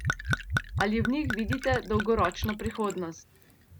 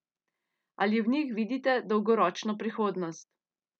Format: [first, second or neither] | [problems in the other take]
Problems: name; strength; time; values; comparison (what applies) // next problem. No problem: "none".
second | background sound (Gurgling / Chink, clink / Liquid); 3 dB below the speech